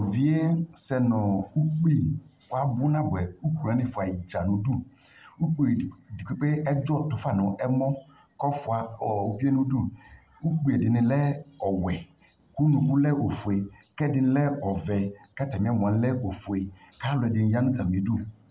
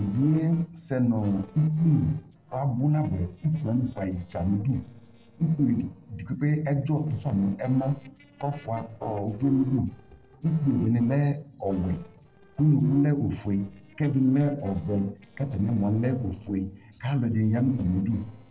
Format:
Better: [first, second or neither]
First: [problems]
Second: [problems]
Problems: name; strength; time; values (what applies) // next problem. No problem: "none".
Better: first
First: none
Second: noise reduction (neural separator model SepFormer DNS4)